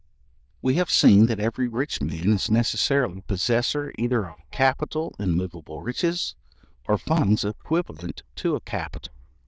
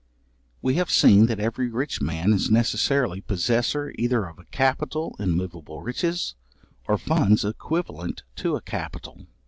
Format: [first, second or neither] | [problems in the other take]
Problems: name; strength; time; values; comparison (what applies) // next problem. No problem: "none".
second | noise reduction (neural diffusion model UNIVERSE++)